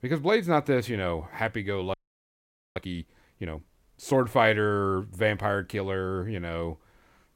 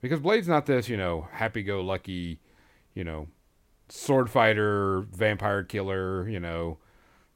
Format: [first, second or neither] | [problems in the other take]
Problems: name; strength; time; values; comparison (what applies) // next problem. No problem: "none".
second | audio freezing; at 2 s for 1 s